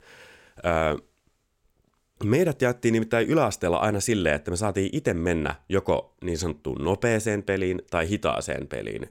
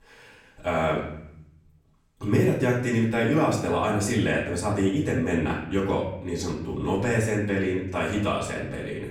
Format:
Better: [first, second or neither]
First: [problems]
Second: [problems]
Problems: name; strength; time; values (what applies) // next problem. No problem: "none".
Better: first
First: none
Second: room echo; noticeable; dies away in 0.7 s // off-mic speech; far